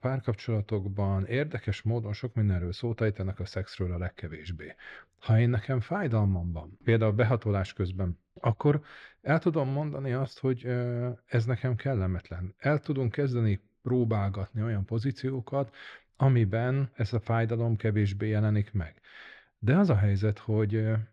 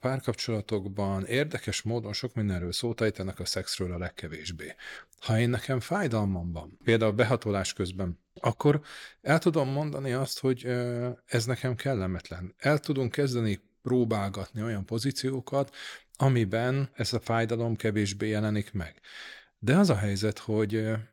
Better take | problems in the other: second | muffled; slightly; fading above 2.5 kHz

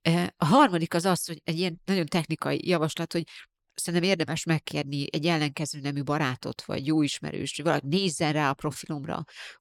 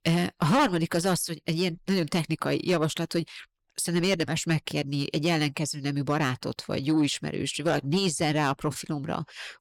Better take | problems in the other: first | distortion; slight; 10 dB below the speech

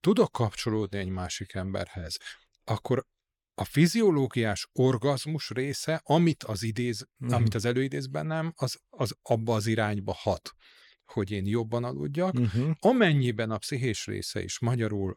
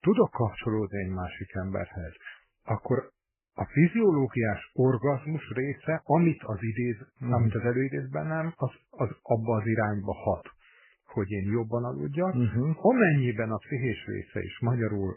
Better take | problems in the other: first | garbled, watery; badly; nothing above 3 kHz

